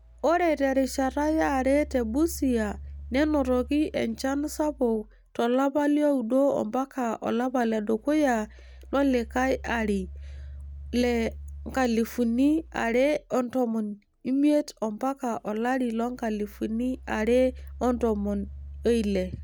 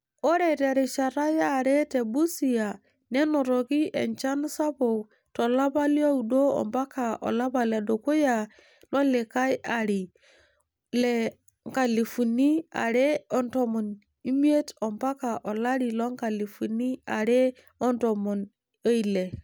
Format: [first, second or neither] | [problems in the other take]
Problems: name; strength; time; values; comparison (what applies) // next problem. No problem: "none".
second | background sound (Engine); 17 dB below the speech